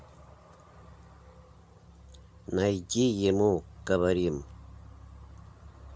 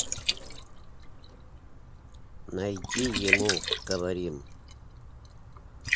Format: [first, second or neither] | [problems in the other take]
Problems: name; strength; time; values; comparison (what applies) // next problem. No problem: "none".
first | background sound (Liquid); 2 dB above the speech